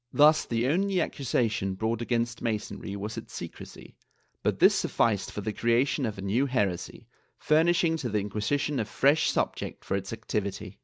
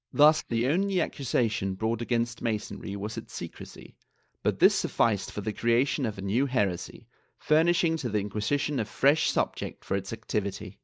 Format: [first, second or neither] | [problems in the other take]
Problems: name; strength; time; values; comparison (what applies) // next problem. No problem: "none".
first | noise reduction (neural mask model Resemble Enhance denoiser)